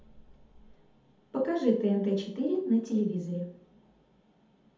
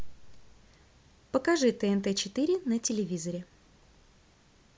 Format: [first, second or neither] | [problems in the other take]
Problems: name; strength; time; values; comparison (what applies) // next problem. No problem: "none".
second | room echo; dies away in 0.6 s